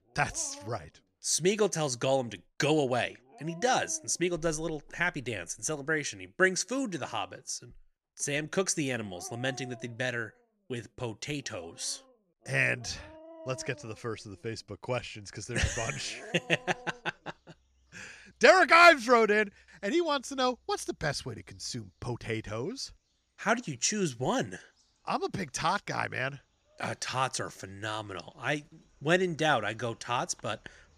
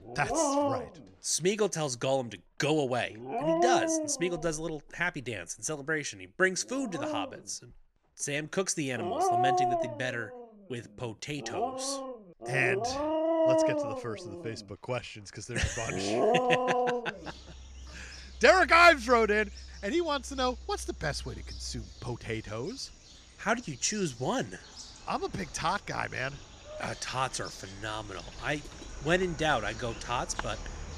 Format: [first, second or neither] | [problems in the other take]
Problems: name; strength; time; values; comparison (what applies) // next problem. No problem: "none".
first | animal sounds; loud; throughout; 2 dB below the speech; faint in the first